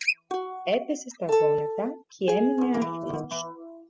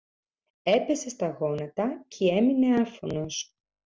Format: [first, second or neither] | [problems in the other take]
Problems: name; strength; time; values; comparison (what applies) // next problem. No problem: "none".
second | noise reduction (classical method spectral subtraction)